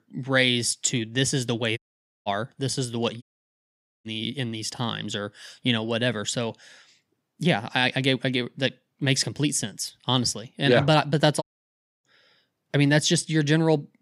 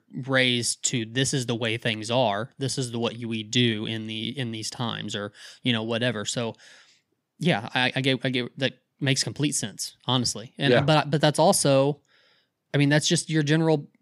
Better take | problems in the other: second | audio cutting out; at 2 s, at 3 s for 1 s and at 11 s for 0.5 s

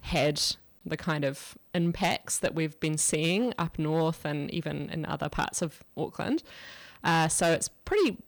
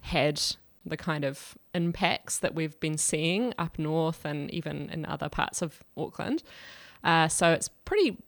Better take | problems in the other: second | distortion; slight; 3% of the sound clipped

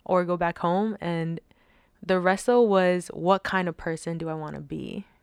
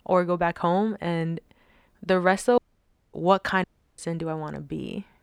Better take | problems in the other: first | audio cutting out; at 2.5 s for 0.5 s and at 3.5 s

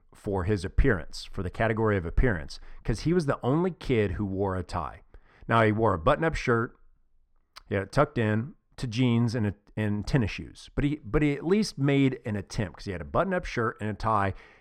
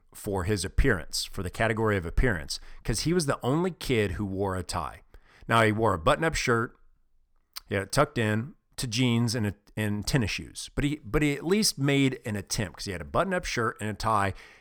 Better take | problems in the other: second | muffled; slightly; fading above 1.5 kHz

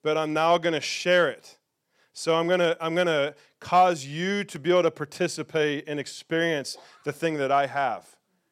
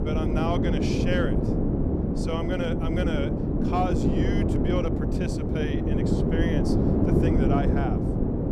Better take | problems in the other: first | wind noise on the microphone; heavy; 2 dB above the speech

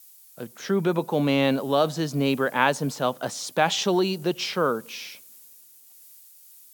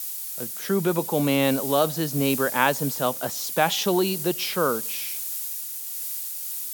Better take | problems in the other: first | hiss; loud; throughout; 5 dB below the speech; faint in the first

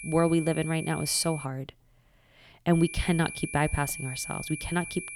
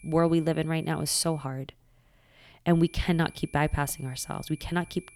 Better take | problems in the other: second | high-pitched whine; loud; until 1.5 s and from 2.5 s on; 2.5 kHz, 10 dB below the speech; faint in the second

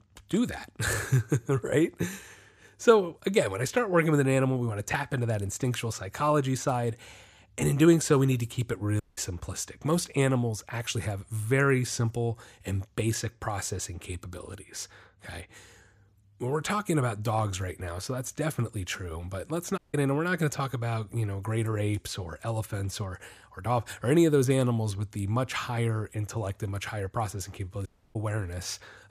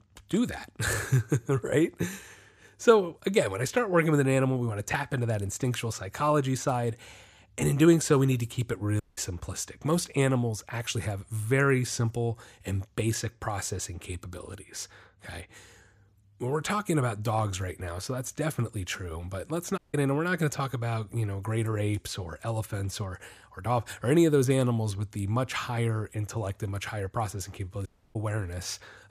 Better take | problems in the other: neither | audio cutting out; at 9 s, at 20 s and at 28 s; the same in both

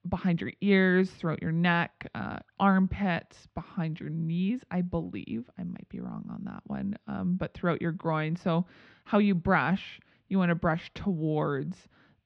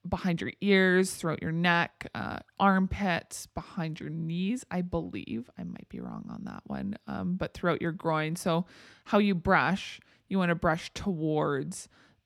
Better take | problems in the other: second | muffled; slightly; fading above 3.5 kHz

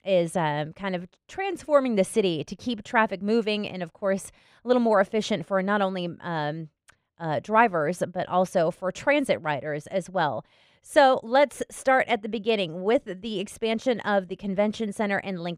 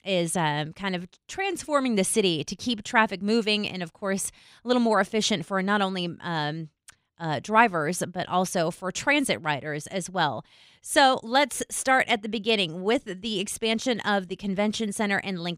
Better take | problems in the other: second | muffled; slightly; fading above 3 kHz

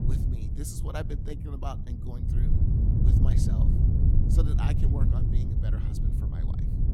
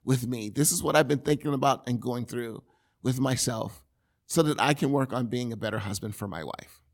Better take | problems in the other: second | wind noise on the microphone; heavy; 2 dB above the speech

